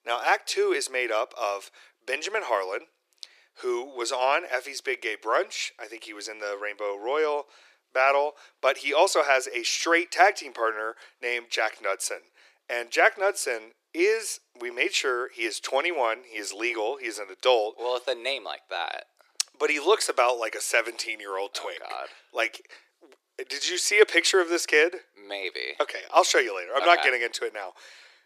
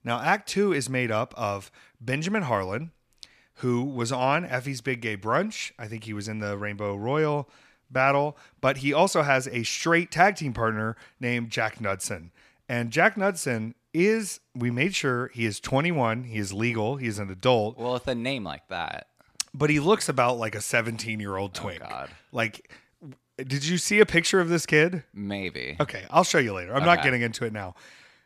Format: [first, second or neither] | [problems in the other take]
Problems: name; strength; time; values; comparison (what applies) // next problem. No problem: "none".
second | thin; very; fading below 350 Hz